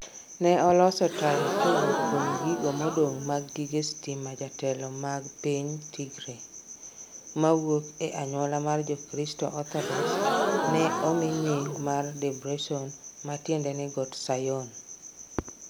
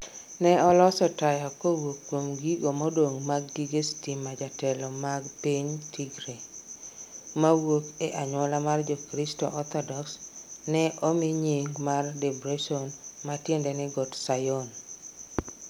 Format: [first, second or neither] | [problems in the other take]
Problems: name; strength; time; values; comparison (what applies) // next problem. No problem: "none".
second | background sound (Crowd / Gasp); 1 dB below the speech